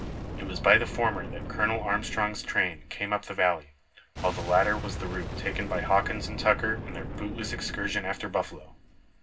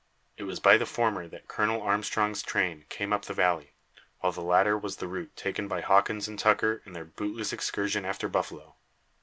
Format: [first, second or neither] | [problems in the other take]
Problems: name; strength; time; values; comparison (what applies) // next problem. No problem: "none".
second | background sound (Boom); 8 dB below the speech // room echo; dies away in 0.4 s